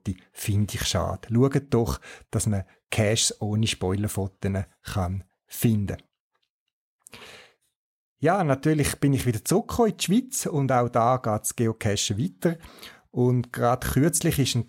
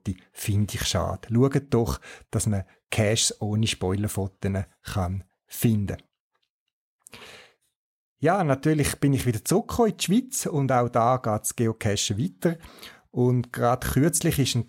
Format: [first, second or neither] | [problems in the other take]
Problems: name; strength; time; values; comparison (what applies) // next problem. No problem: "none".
neither | none